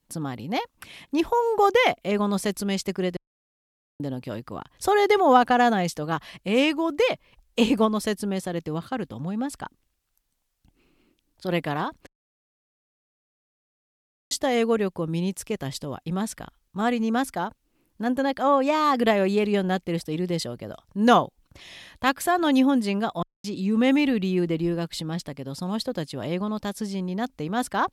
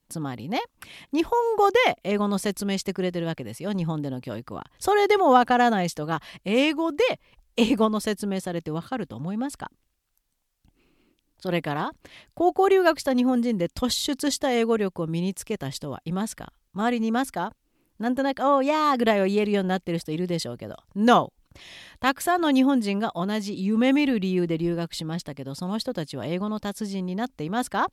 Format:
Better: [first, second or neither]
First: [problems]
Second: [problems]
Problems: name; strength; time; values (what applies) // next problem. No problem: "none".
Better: second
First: audio cutting out; at 3 s for 1 s, at 12 s for 2 s and at 23 s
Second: none